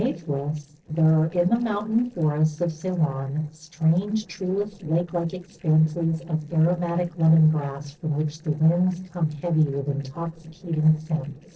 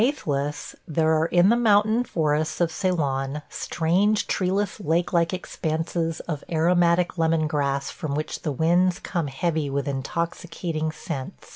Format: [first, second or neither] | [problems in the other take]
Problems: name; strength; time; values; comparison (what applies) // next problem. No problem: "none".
second | noise reduction (neural separator model SepFormer DNS4)